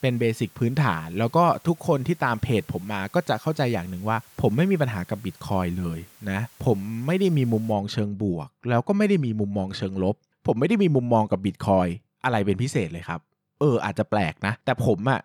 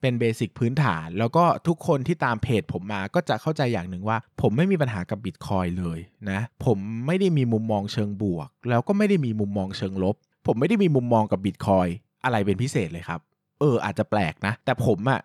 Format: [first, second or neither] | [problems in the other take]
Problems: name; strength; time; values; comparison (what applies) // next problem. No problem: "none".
second | hiss; faint; until 7.5 s; 25 dB below the speech